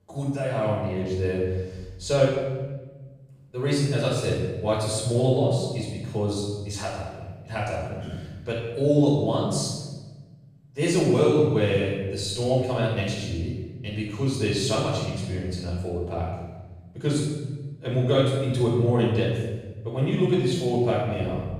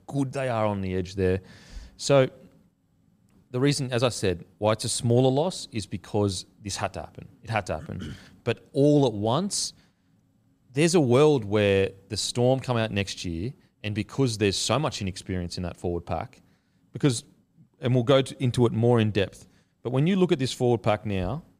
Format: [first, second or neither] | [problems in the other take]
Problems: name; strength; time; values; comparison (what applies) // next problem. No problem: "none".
second | off-mic speech; far // room echo; strong; dies away in 1.3 s